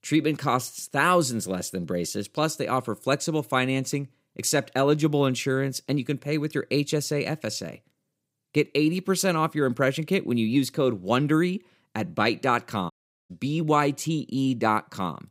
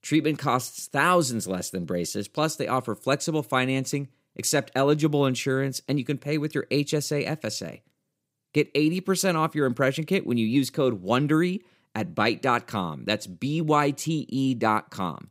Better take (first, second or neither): second